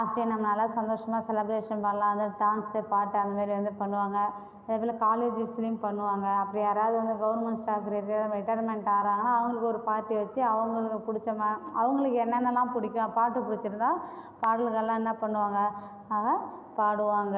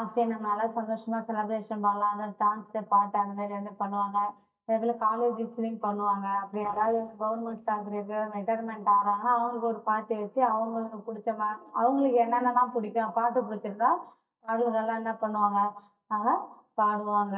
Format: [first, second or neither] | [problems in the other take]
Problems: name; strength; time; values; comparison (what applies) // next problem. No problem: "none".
first | noise reduction (neural mask model DeepFilterNet 3)